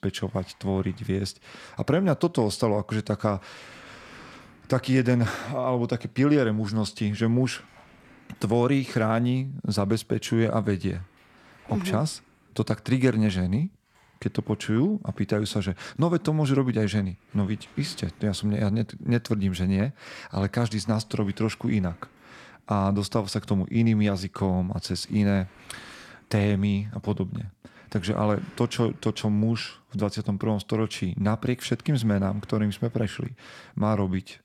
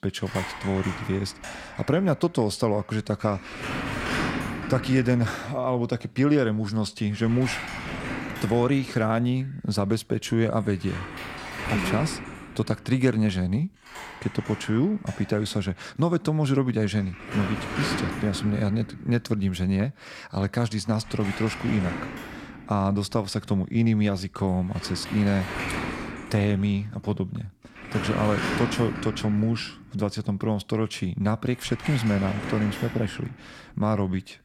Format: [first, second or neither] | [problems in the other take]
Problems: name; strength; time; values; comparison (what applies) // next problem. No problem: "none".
first | household noises; loud; throughout; 7 dB below the speech; faint in the first